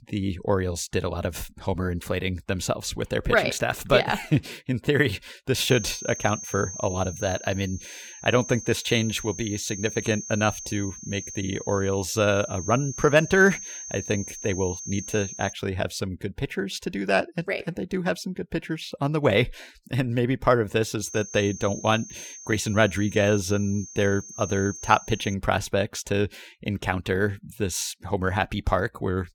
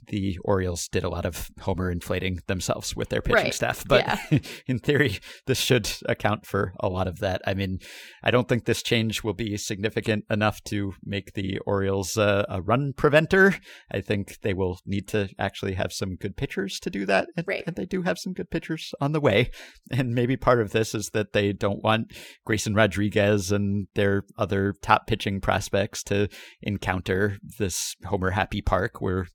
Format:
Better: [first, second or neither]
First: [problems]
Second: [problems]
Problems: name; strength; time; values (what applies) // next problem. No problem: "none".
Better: second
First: high-pitched whine; noticeable; from 5.5 to 16 s and from 21 to 25 s; 6.5 kHz, 10 dB below the speech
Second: none